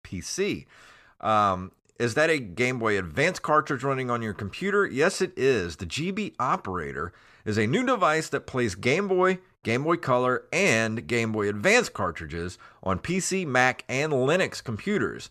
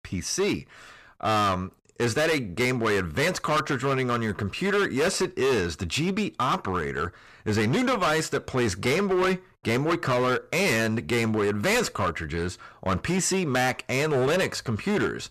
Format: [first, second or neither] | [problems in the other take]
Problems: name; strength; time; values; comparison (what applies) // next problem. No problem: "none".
first | distortion; heavy; 16% of the sound clipped